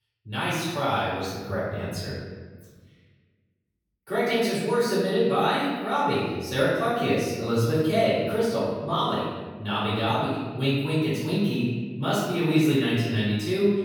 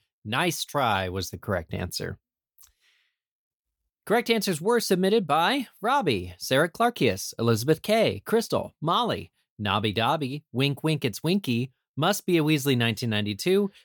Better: second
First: off-mic speech; far // room echo; strong; dies away in 1.4 s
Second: none

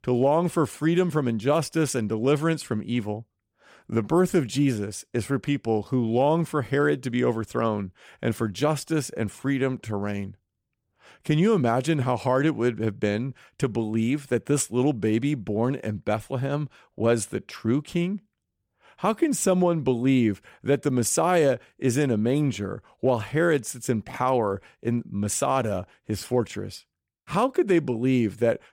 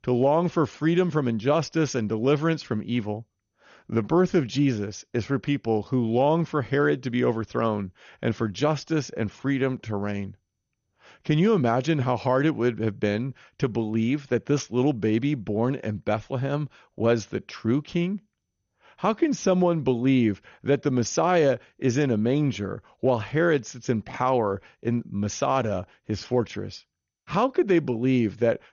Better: first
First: none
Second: garbled, watery; slightly; nothing above 6.5 kHz

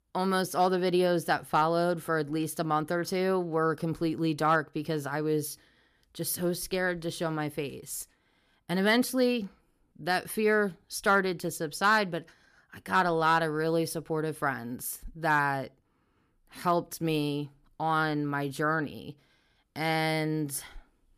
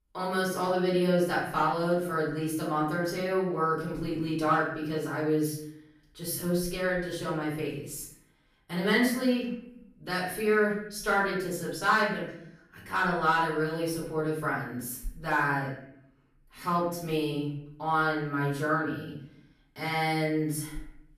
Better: first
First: none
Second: off-mic speech; far // room echo; noticeable; dies away in 0.6 s

